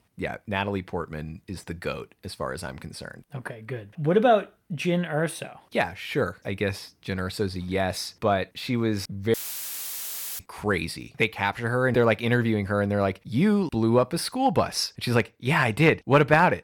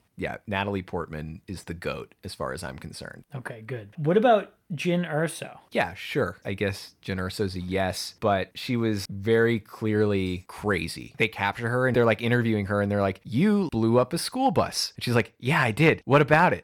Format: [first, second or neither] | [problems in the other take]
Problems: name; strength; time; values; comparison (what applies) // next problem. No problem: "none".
second | audio cutting out; filled with static; at 9.5 s for 1 s